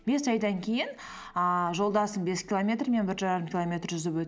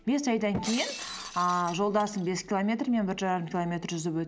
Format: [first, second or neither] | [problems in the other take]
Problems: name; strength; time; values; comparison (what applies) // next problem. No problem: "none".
first | background sound (Shatter); 13 dB below the speech